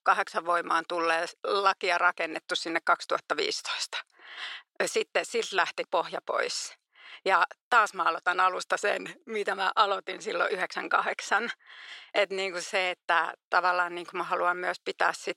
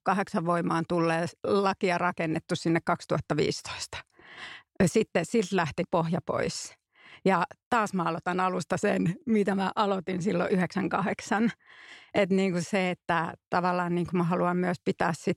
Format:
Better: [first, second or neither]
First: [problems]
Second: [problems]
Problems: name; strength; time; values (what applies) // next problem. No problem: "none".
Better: second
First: thin; very; fading below 450 Hz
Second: none